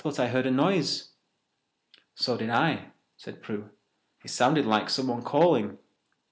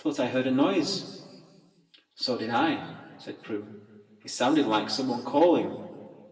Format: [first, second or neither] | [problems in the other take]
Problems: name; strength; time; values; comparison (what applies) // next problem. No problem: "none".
first | room echo; dies away in 1.7 s